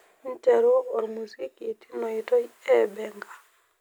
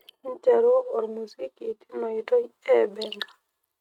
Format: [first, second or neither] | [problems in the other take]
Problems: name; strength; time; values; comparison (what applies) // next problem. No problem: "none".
first | noise reduction (neural mask model RNNoise)